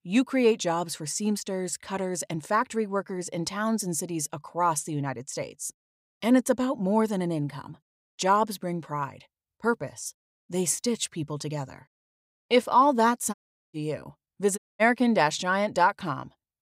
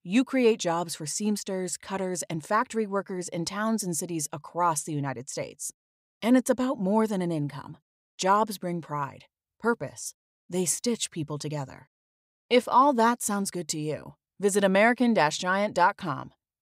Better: second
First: audio cutting out; at 13 s and at 15 s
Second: none

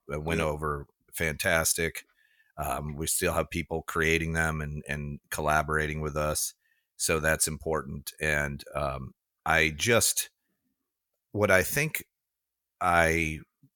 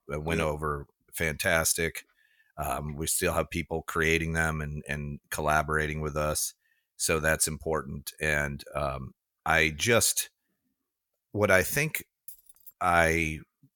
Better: first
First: none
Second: jangling keys; faint; at 12 s; peak 20 dB below the speech

